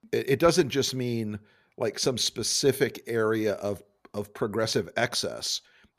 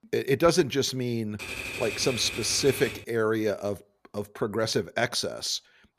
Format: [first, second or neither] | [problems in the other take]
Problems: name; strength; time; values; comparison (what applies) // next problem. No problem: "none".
first | keyboard typing; noticeable; from 1.5 to 3 s; peak 6 dB below the speech